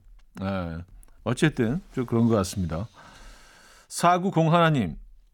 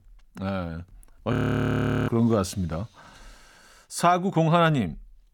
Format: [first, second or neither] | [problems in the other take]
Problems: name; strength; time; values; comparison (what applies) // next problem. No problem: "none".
first | audio freezing; at 1.5 s for 1 s